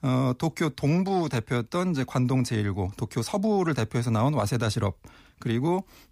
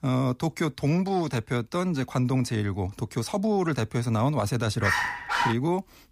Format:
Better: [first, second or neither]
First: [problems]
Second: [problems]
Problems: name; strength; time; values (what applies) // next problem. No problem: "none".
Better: first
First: none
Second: dog barking; loud; at 5 s; peak 2 dB above the speech